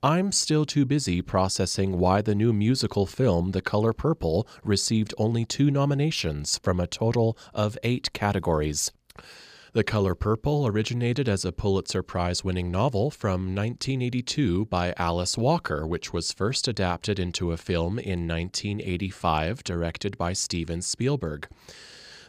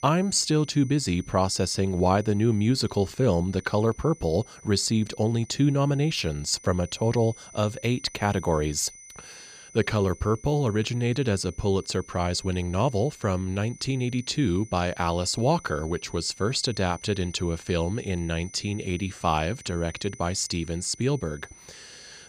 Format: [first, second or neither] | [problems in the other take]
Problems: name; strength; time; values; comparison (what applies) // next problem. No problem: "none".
first | high-pitched whine; faint; throughout; 6 kHz, 20 dB below the speech